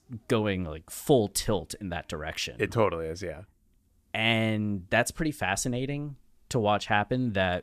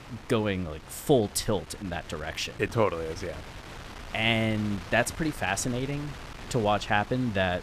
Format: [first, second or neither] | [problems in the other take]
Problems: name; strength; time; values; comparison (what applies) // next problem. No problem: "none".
first | wind noise on the microphone; occasional gusts; 15 dB below the speech